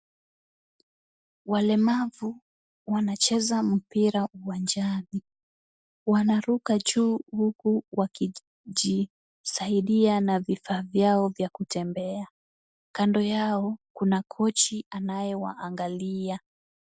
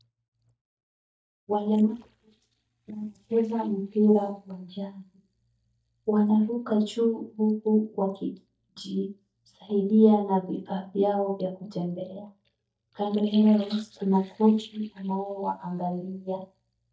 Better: first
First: none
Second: noise reduction (neural mask model DeepFilterNet 3)

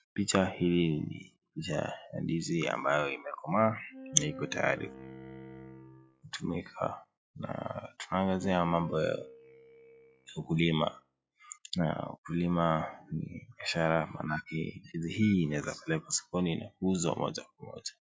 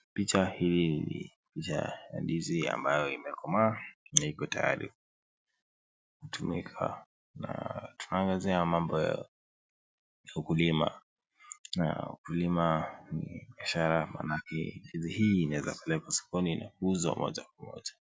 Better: second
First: noise reduction (classical method log-MMSE)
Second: none

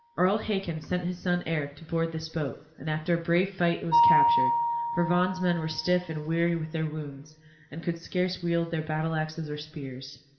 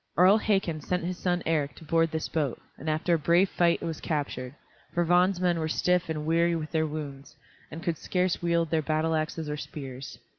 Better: second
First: background sound (Mallet percussion); 3 dB below the speech // room echo; dies away in 1.7 s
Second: none

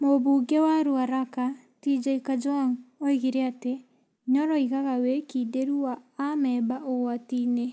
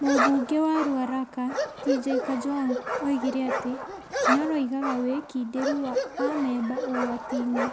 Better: first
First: none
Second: background sound (Bark); 3 dB below the speech

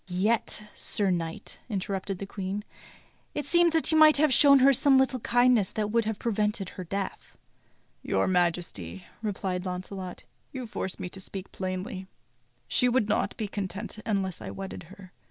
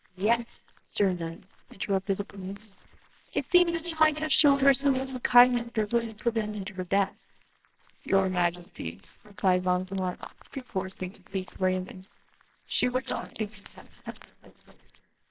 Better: first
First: none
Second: noise reduction (neural separator model SepFormer WHAMR!)

